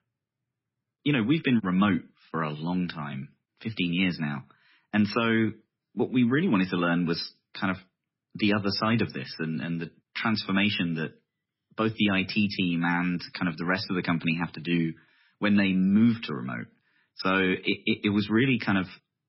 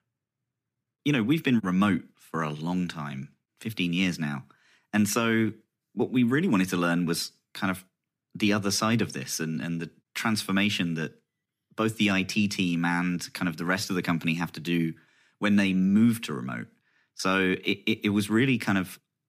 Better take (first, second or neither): second